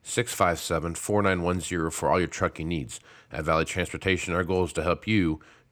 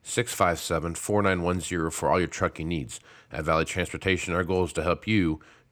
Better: neither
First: none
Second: none

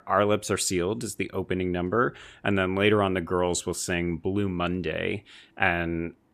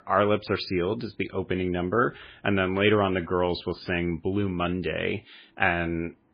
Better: first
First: none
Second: garbled, watery; badly; nothing above 4 kHz

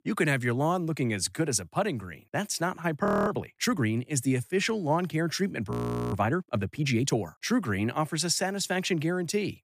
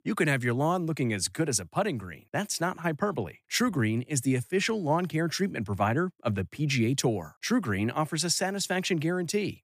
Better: second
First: audio freezing; at 3 s and at 5.5 s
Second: none

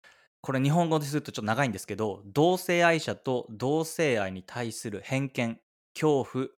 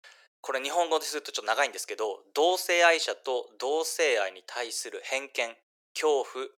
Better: first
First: none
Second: thin; very; fading below 400 Hz

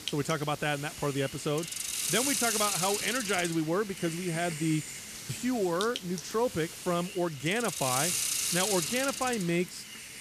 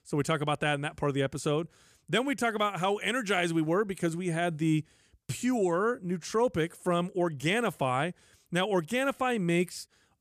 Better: second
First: hiss; loud; throughout; 2 dB below the speech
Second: none

